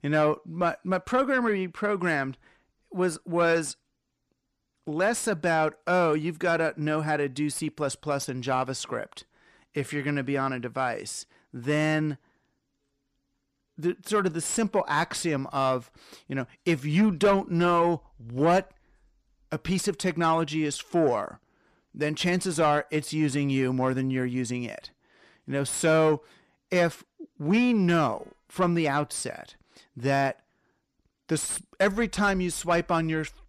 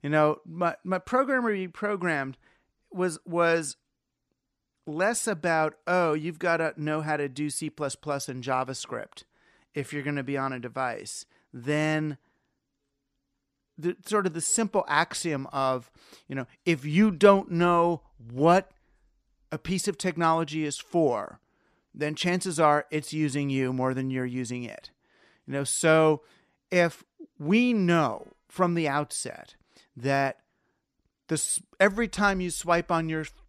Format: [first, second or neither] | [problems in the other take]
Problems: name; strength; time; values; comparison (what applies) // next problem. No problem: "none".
second | distortion; slight; 10 dB below the speech